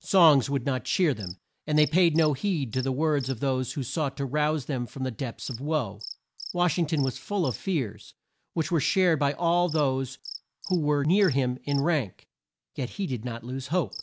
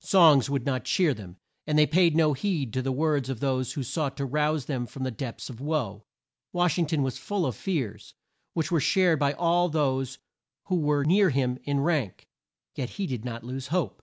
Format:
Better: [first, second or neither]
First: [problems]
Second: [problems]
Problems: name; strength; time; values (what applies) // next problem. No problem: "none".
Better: second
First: background sound (Cricket); 19 dB below the speech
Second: none